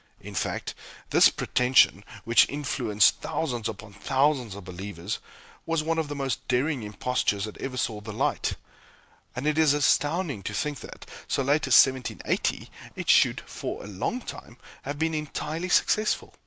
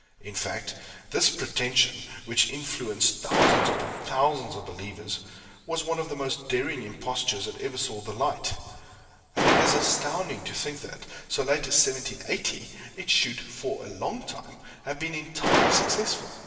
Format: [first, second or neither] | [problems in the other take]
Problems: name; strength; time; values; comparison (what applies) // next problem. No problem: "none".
first | background sound (Gunshot, gunfire); 2 dB below the speech // room echo; dies away in 2.7 s